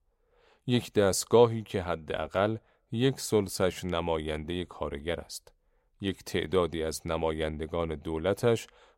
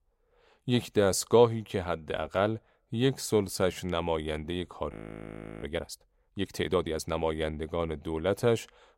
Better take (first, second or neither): first